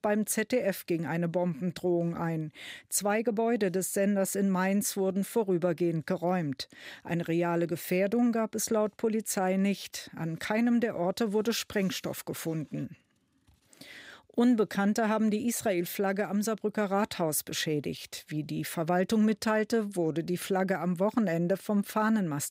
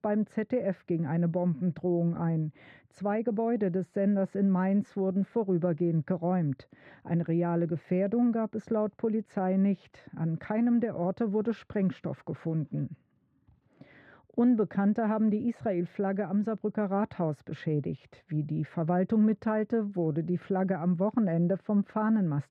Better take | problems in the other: first | muffled; very; fading above 1.5 kHz

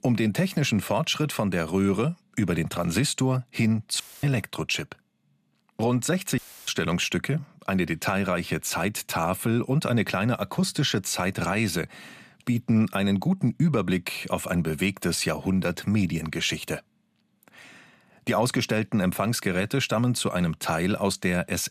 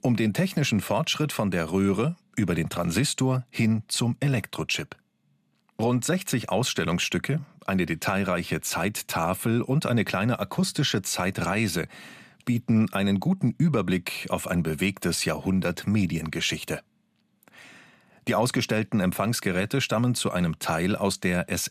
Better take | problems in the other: second | audio cutting out; filled with static; at 4 s and at 6.5 s

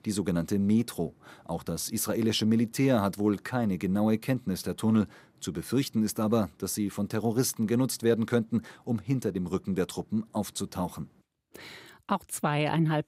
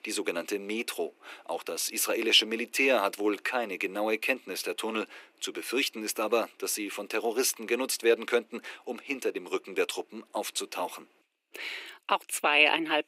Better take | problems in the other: first | thin; very; fading below 350 Hz

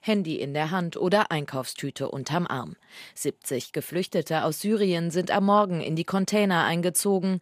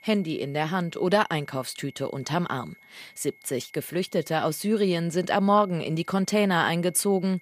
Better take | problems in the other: first | high-pitched whine; faint; throughout; 2 kHz, 25 dB below the speech

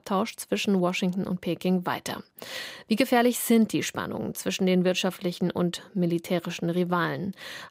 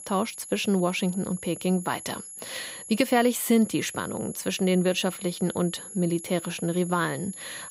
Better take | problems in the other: first | high-pitched whine; noticeable; throughout; 11 kHz, 10 dB below the speech

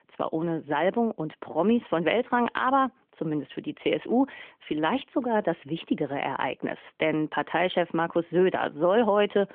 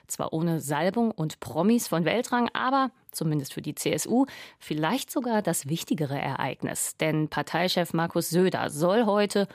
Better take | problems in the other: second | phone-call audio; nothing above 3 kHz

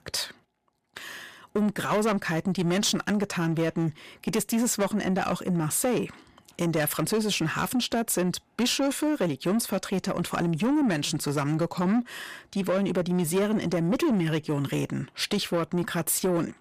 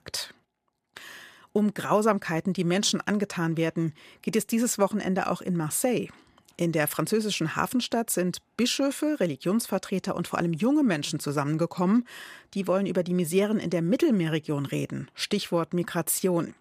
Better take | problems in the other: second | distortion; slight; 10 dB below the speech

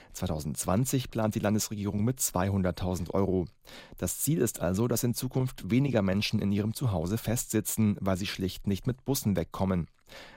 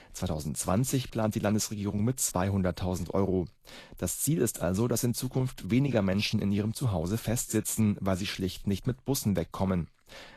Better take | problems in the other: first | garbled, watery; slightly; nothing above 13 kHz

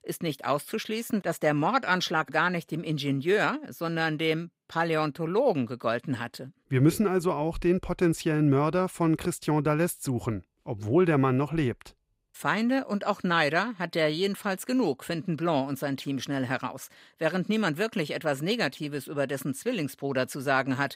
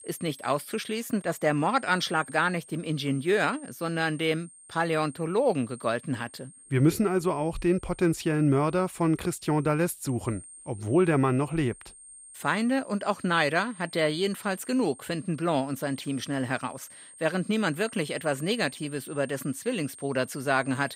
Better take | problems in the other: first | high-pitched whine; noticeable; throughout; 8.5 kHz, 20 dB below the speech

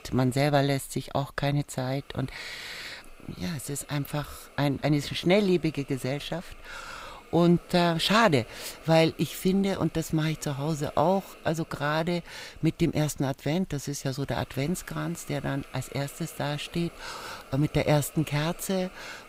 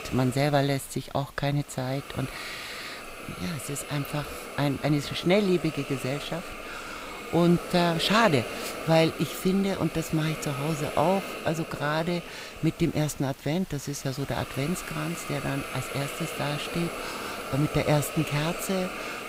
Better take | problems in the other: first | hiss; loud; throughout; 9 dB below the speech; faint in the first

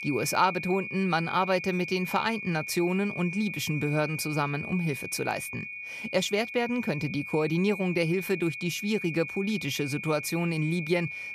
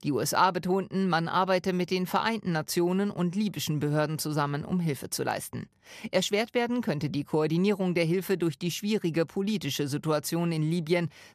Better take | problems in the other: second | high-pitched whine; loud; throughout; 2.5 kHz, 7 dB below the speech

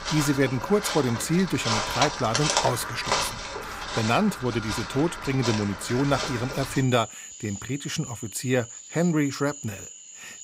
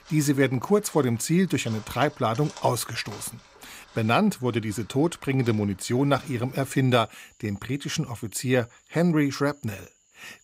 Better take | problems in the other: second | animal sounds; loud; throughout; 5 dB below the speech; faint in the second

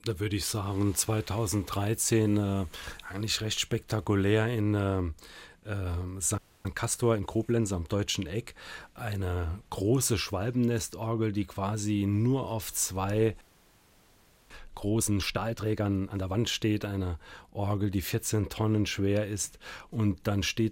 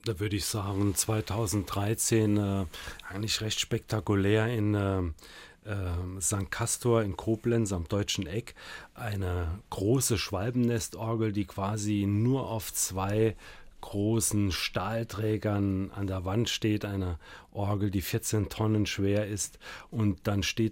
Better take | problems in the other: second | audio freezing; at 6.5 s and at 13 s for 1 s

